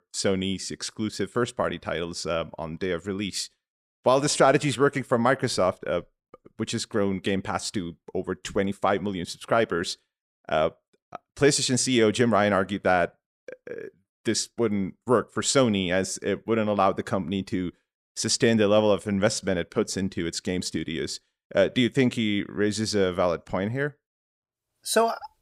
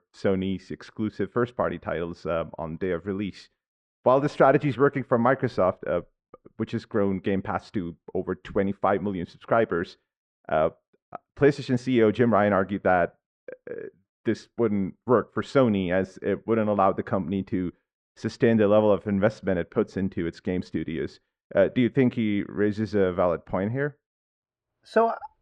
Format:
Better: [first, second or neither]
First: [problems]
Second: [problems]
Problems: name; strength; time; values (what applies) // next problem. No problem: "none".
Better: first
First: none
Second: muffled; very; fading above 1.5 kHz